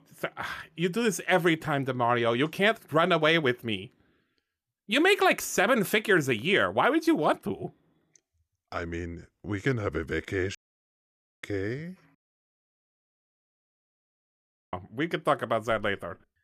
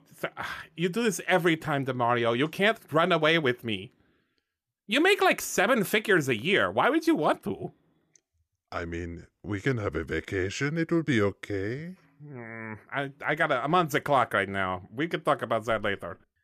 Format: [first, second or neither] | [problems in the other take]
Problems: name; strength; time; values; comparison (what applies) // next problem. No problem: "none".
second | audio cutting out; at 11 s for 1 s and at 12 s for 2.5 s